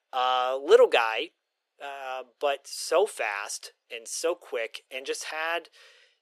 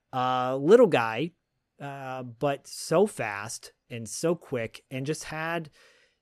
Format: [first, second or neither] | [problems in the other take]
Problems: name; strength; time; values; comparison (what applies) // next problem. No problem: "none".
second | thin; very; fading below 400 Hz